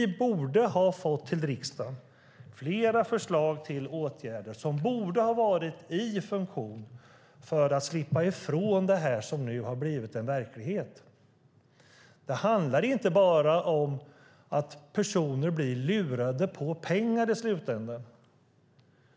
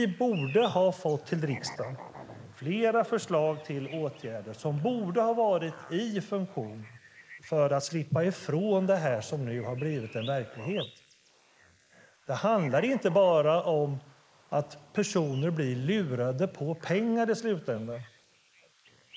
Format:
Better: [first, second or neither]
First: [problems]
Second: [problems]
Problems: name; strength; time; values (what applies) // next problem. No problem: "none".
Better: first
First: none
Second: noise reduction (neural mask model Resemble Enhance denoiser)